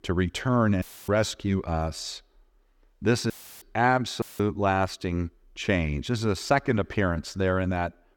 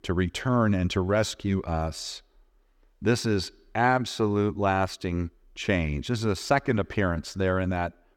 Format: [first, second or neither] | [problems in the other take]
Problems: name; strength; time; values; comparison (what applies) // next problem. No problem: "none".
second | audio cutting out; filled with static; at 1 s, at 3.5 s and at 4 s